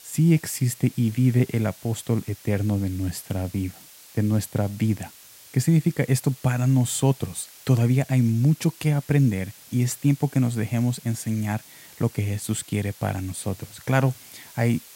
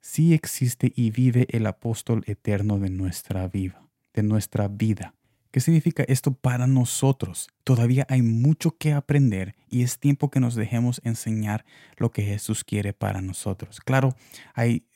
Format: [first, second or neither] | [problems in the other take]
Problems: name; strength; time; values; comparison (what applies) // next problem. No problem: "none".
second | hiss; faint; throughout; 20 dB below the speech